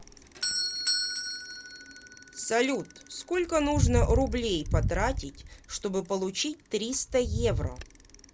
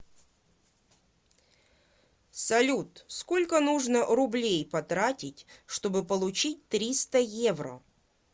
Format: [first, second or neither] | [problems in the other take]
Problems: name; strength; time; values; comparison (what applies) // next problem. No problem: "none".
second | background sound (Bicycle + Doorbell); 1 dB below the speech